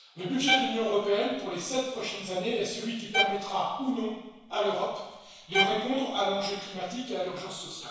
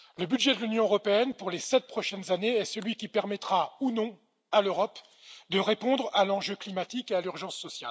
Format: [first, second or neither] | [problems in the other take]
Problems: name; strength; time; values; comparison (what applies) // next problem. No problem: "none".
second | background sound (Bowed string instrument); 4 dB below the speech // room echo; dies away in 1.1 s